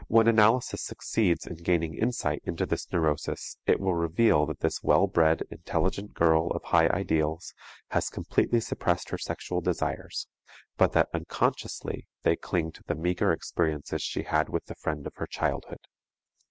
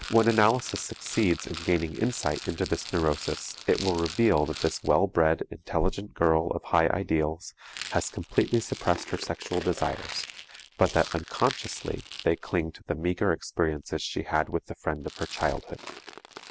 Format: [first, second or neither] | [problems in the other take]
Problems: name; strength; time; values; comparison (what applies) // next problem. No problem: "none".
first | background sound (Rattle); 15 dB below the speech